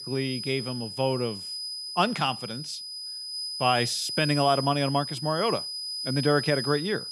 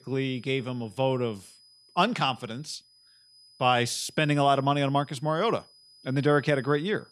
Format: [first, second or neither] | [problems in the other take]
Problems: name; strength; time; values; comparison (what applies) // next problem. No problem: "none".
second | high-pitched whine; loud; throughout; 5 kHz, 5 dB below the speech; faint in the second